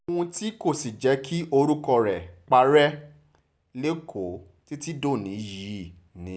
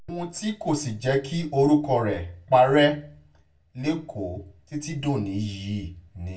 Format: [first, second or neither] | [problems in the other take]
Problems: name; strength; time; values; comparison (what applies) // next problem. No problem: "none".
first | room echo; dies away in 0.1 s